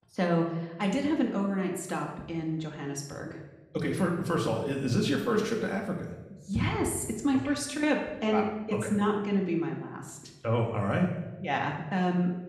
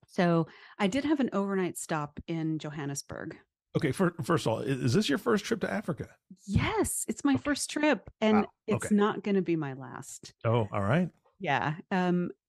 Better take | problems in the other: second | room echo; noticeable; dies away in 0.8 s // off-mic speech; somewhat distant

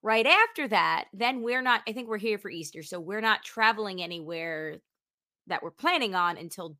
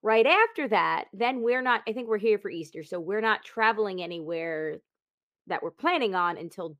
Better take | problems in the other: first | muffled; slightly; fading above 4 kHz

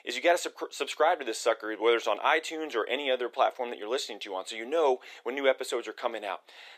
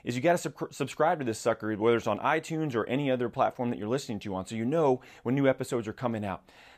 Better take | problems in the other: second | thin; very; fading below 350 Hz

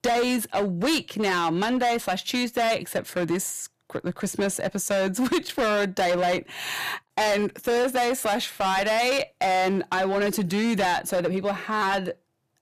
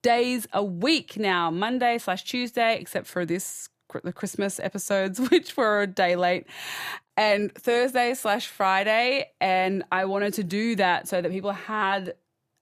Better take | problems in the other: second | distortion; heavy; 18% of the sound clipped

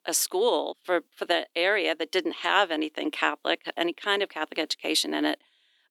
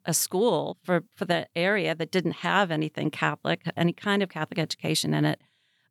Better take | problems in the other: second | thin; somewhat; fading below 300 Hz

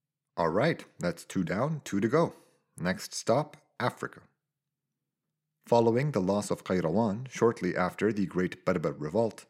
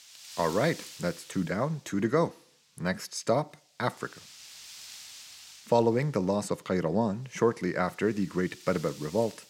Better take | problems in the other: first | wind noise on the microphone; occasional gusts; 15 dB below the speech

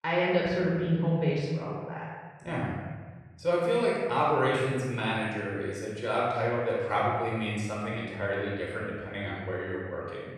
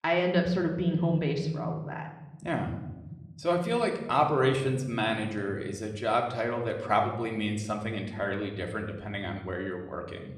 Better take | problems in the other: second | room echo; strong; dies away in 1.4 s; slight in the second // off-mic speech; far; somewhat distant in the second

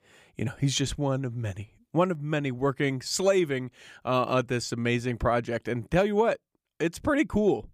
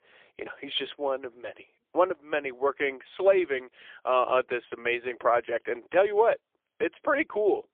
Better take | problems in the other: first | phone-call audio; poor line; nothing above 3.5 kHz

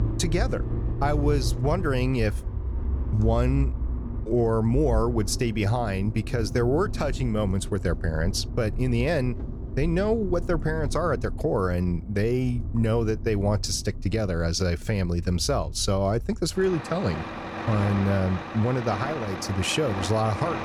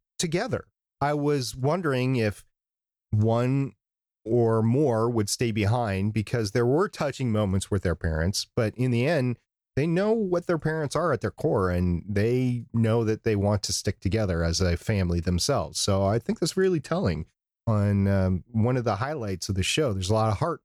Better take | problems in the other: second | traffic noise; loud; throughout; 7 dB below the speech

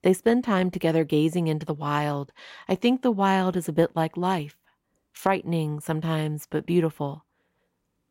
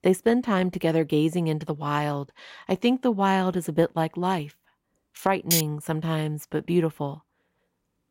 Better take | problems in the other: first | clattering dishes; loud; at 5.5 s; peak 1 dB above the speech

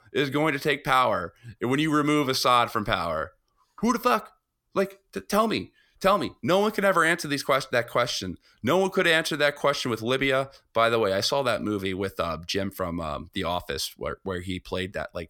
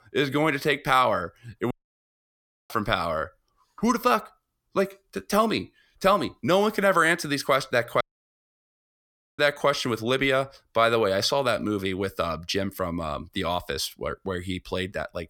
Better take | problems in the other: first | audio cutting out; at 1.5 s for 1 s and at 8 s for 1.5 s

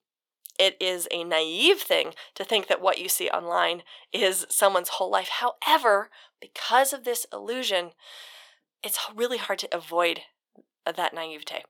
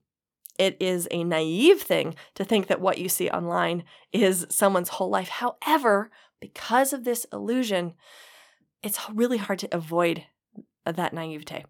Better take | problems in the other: second | thin; very; fading below 600 Hz

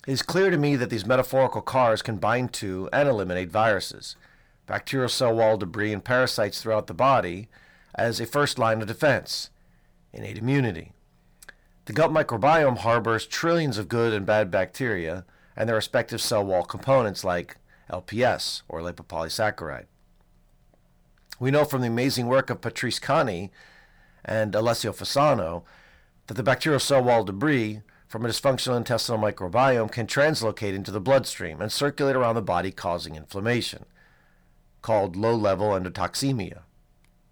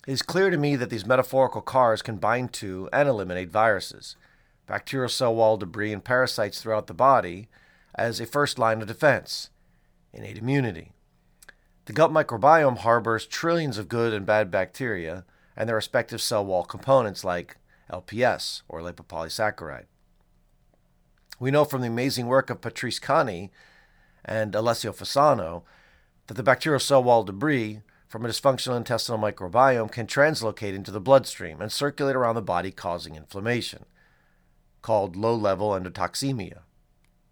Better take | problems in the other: second | distortion; slight; 10 dB below the speech

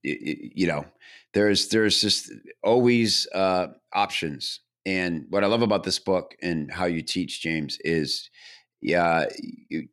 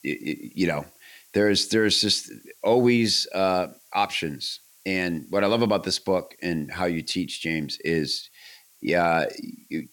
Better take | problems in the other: first | hiss; faint; throughout; 30 dB below the speech

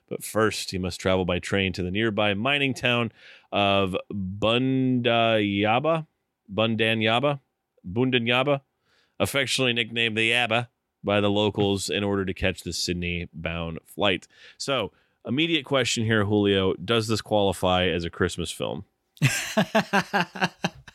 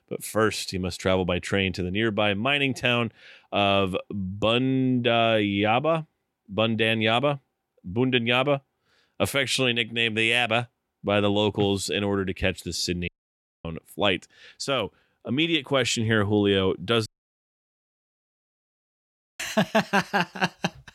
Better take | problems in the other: first | audio cutting out; at 13 s for 0.5 s and at 17 s for 2.5 s

